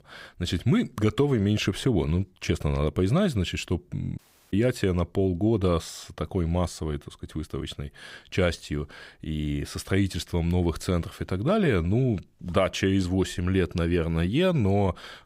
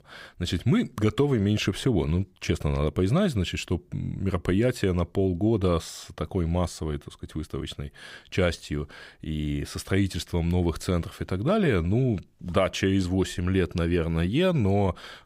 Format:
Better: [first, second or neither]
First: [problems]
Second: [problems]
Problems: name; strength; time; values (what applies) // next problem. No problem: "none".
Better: second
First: audio cutting out; at 4 s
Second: none